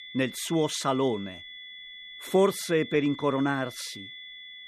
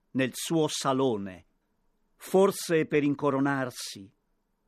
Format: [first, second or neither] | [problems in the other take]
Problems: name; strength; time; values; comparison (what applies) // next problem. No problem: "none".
second | high-pitched whine; noticeable; throughout; 3.5 kHz, 15 dB below the speech